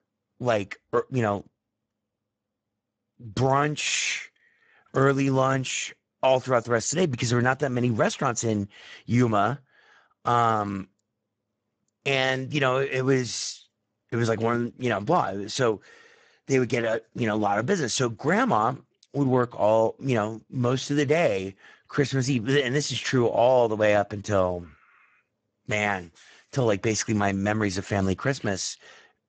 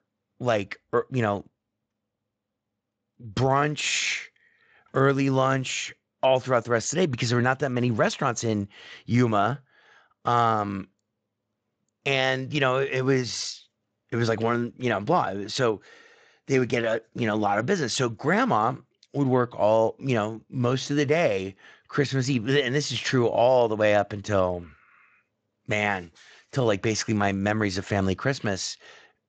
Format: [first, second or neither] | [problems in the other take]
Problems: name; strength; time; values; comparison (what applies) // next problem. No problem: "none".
second | garbled, watery; badly; nothing above 7.5 kHz; slightly in the second